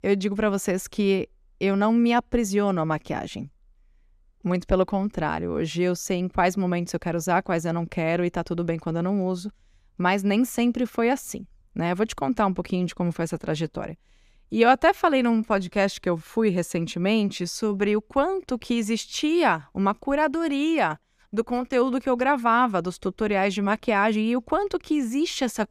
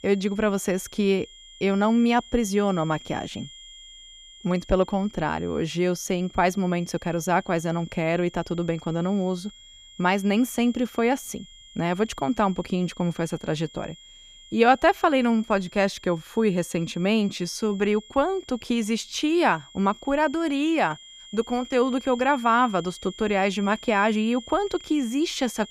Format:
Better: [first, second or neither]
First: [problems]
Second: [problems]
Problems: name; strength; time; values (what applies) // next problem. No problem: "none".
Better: first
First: none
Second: high-pitched whine; faint; throughout; 3 kHz, 20 dB below the speech